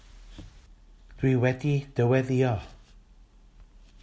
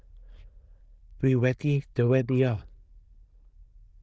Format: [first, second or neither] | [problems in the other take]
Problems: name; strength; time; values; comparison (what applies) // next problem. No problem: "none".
first | noise reduction (neural diffusion model UNIVERSE++)